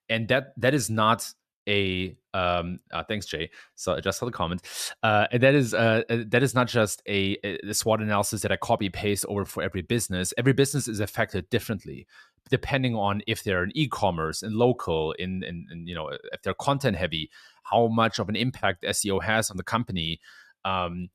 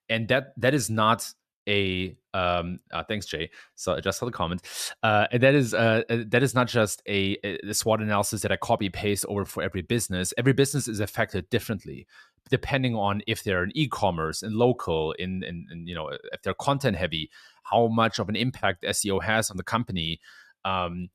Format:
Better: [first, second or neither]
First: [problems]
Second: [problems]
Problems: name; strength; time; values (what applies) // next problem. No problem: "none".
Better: neither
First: none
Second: none